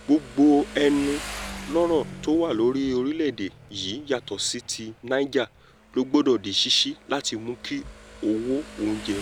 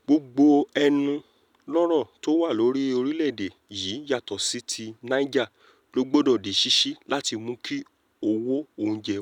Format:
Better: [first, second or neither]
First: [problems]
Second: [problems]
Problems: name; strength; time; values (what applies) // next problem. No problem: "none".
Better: second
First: background sound (Motorcycle); 16 dB below the speech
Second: none